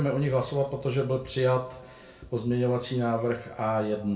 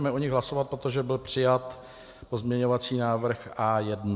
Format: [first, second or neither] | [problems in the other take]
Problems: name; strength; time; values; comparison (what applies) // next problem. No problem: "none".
second | room echo; dies away in 0.3 s